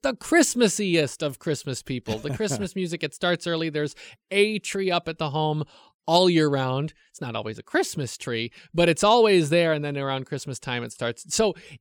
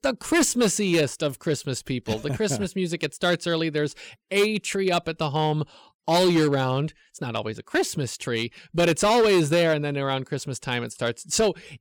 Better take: first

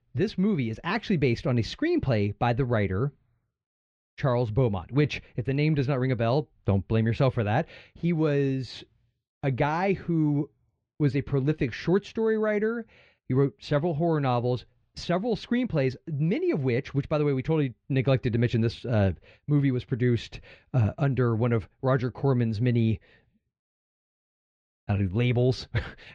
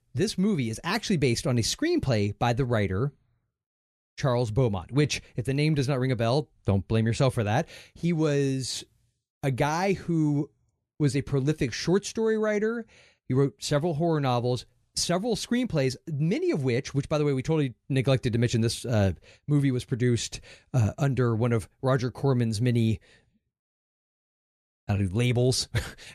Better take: second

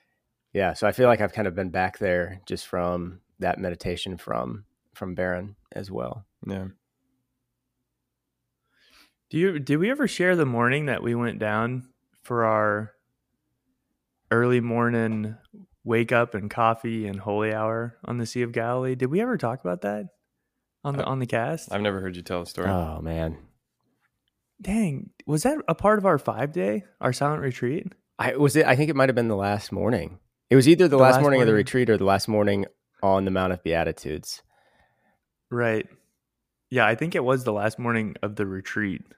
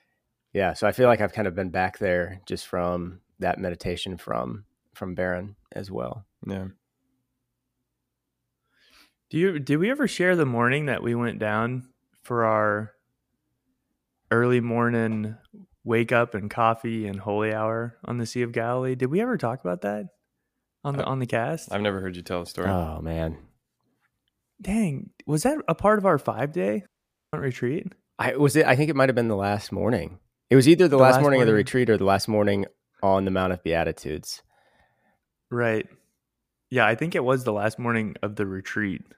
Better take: first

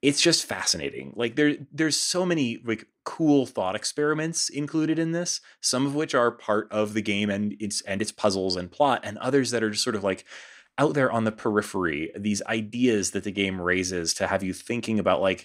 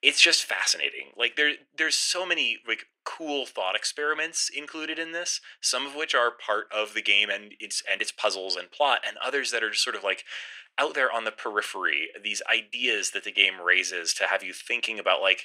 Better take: first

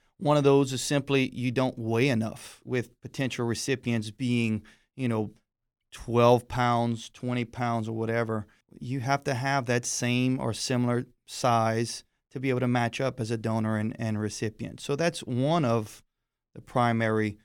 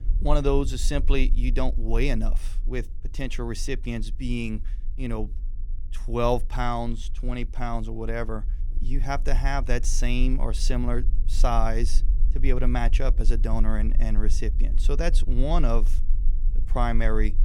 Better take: first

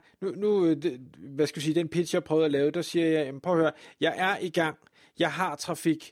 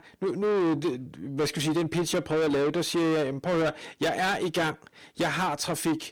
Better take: first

